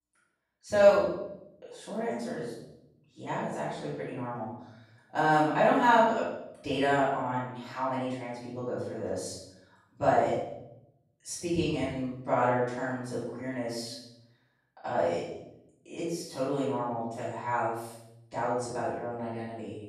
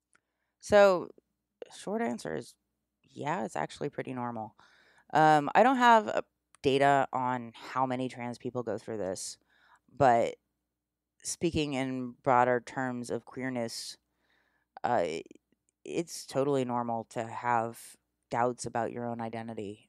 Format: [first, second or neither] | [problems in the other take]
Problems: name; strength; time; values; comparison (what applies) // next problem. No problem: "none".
second | off-mic speech; far // room echo; strong; dies away in 0.8 s